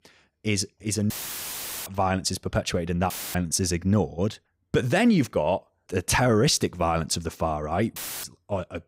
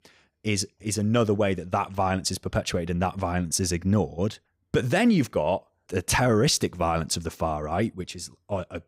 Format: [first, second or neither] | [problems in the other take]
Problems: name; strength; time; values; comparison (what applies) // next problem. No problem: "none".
second | audio cutting out; filled with static; at 1 s for 1 s, at 3 s and at 8 s